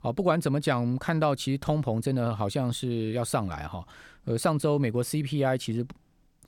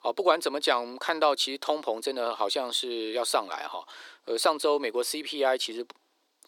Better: first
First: none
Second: thin; very; fading below 350 Hz

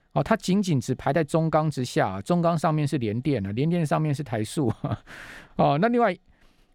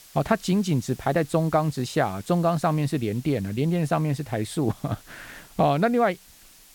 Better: first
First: none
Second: hiss; faint; throughout; 25 dB below the speech

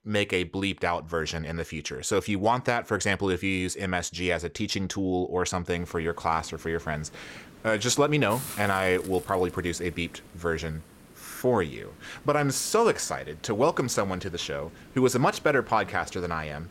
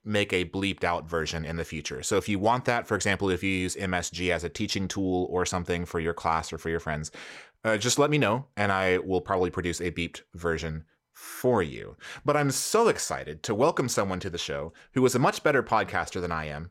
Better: second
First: hiss; noticeable; from 6 s on; 20 dB below the speech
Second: none

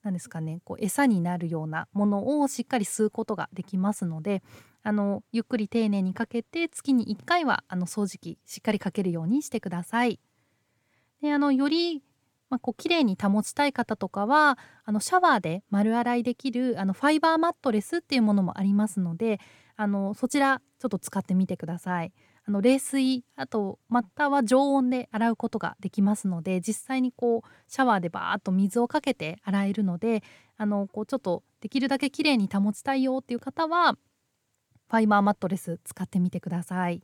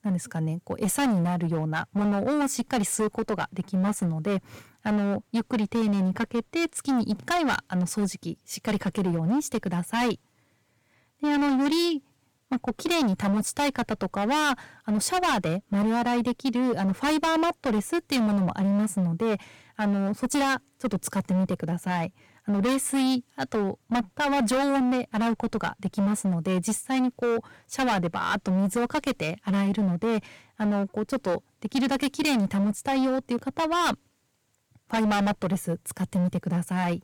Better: first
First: none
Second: distortion; heavy; 23% of the sound clipped

